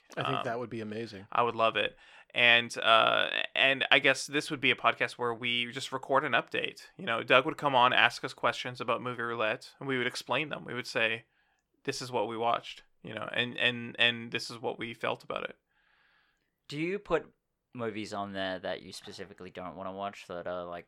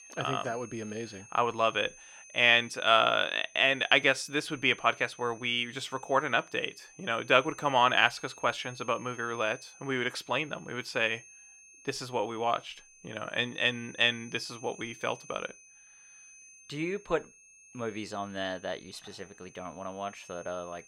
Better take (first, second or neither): first